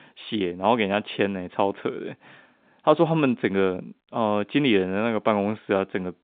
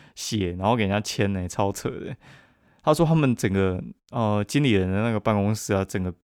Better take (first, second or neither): second